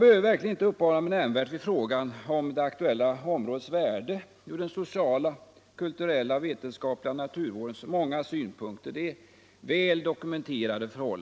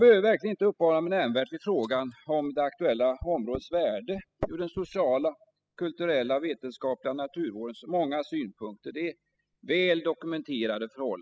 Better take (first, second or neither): first